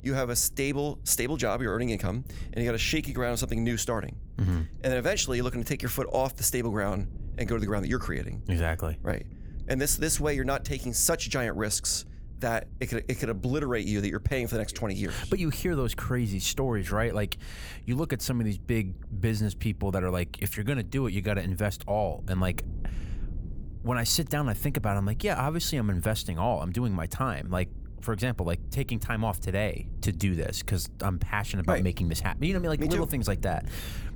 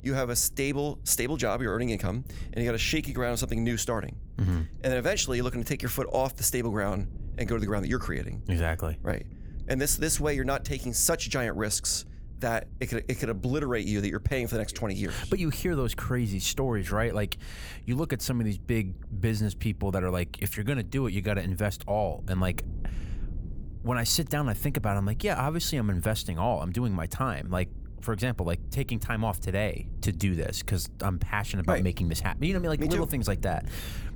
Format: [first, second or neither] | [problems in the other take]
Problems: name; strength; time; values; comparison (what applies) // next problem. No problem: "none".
neither | low rumble; faint; throughout; 25 dB below the speech; the same in both